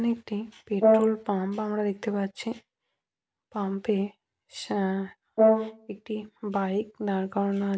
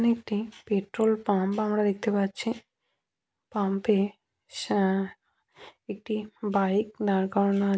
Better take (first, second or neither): second